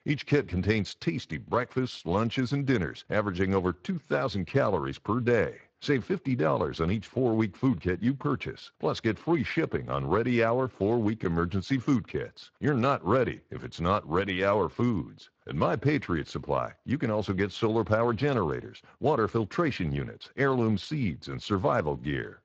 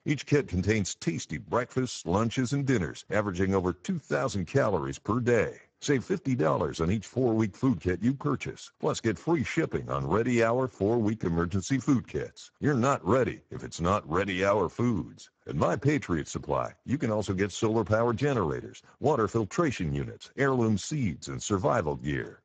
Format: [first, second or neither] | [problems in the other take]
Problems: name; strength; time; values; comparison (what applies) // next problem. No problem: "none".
first | garbled, watery; badly; nothing above 7.5 kHz; slightly in the first